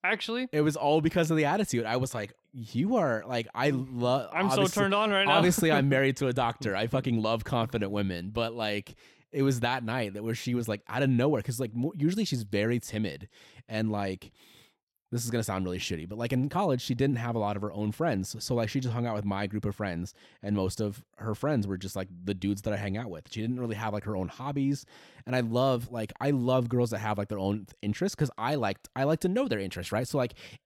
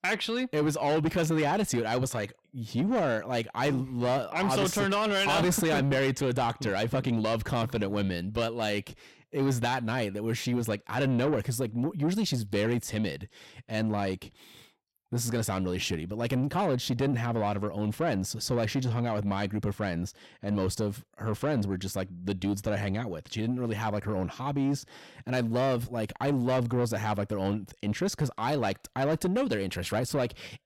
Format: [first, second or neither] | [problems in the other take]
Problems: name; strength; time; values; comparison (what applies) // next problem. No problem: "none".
first | distortion; slight; 10 dB below the speech